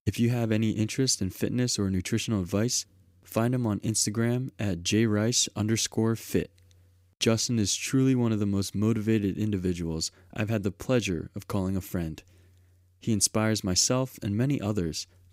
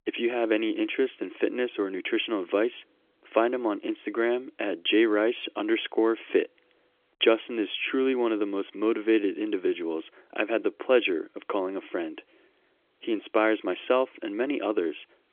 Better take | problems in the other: first | phone-call audio; nothing above 3.5 kHz

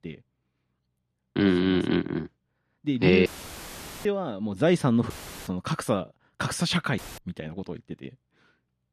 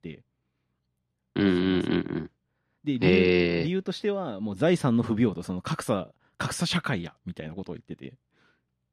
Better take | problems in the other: second | audio cutting out; filled with static; at 3.5 s for 1 s, at 5 s and at 7 s

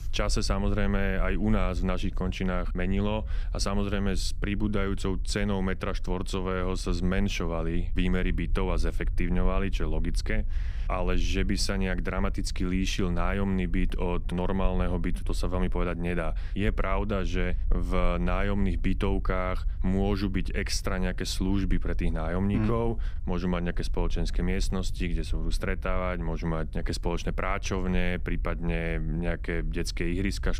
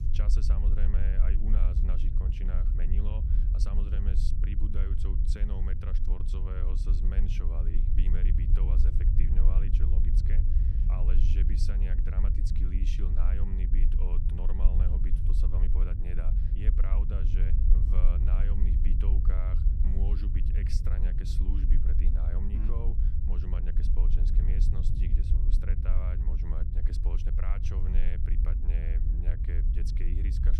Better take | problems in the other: first | low rumble; loud; throughout; 1 dB below the speech; faint in the first

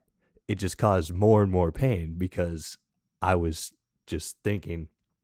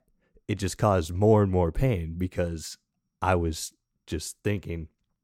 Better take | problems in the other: second | garbled, watery; slightly; nothing above 17.5 kHz

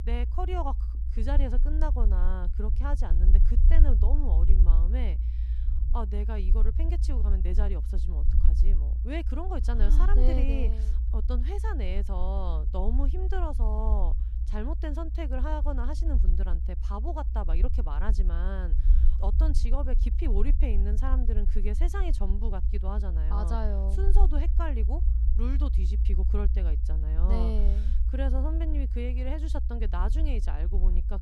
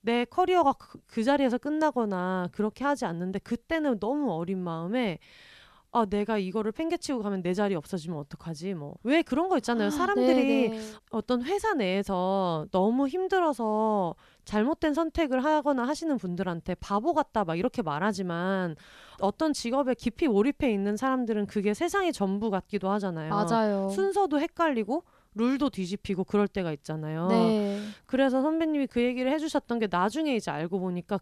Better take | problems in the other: second | low rumble; loud; throughout; 9 dB below the speech

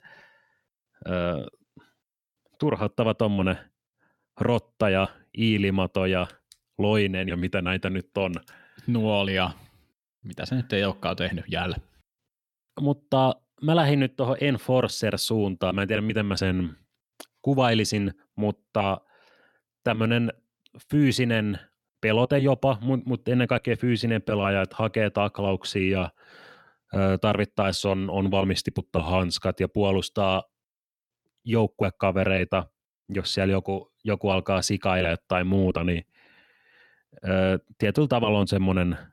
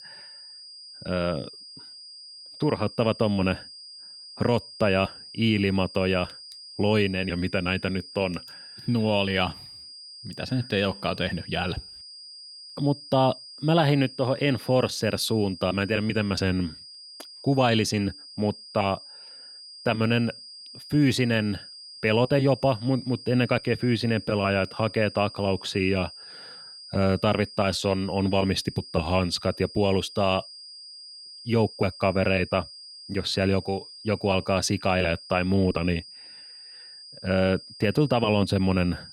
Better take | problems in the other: first | high-pitched whine; noticeable; throughout; 5 kHz, 15 dB below the speech

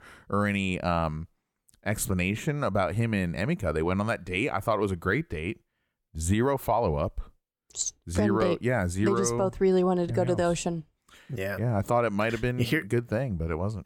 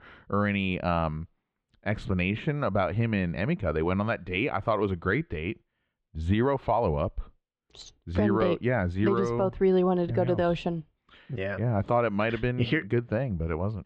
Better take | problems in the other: first | muffled; very; fading above 3.5 kHz

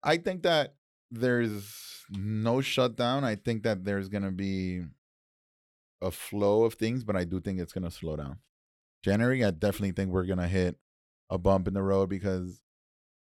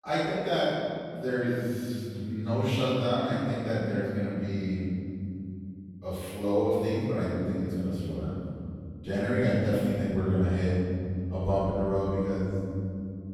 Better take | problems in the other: first | off-mic speech; far // room echo; strong; dies away in 3 s

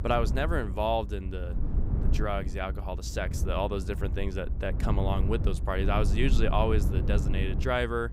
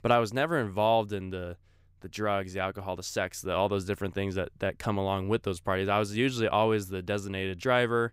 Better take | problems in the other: second | low rumble; noticeable; throughout; 15 dB below the speech

